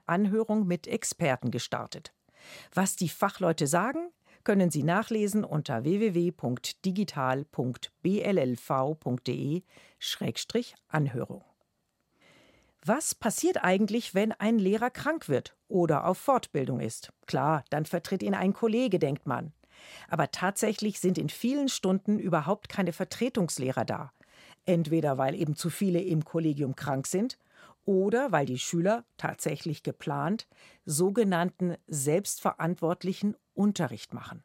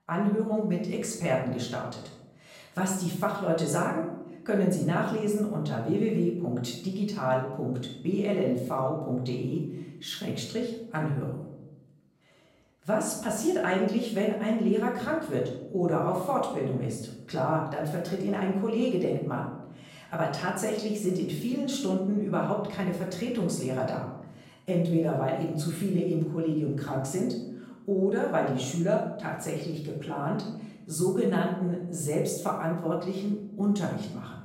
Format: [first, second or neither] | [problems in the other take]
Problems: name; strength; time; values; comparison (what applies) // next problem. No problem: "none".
first | off-mic speech; far // room echo; noticeable; dies away in 0.7 s